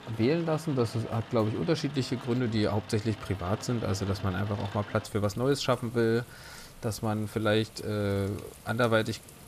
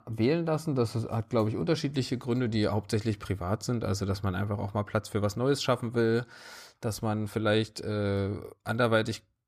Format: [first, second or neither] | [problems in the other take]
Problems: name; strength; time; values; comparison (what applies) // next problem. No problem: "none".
second | rain or running water; noticeable; throughout; 15 dB below the speech